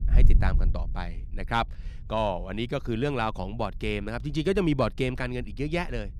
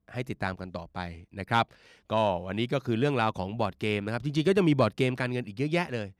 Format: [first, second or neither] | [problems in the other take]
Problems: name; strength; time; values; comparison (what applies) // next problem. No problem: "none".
second | wind noise on the microphone; occasional gusts; 20 dB below the speech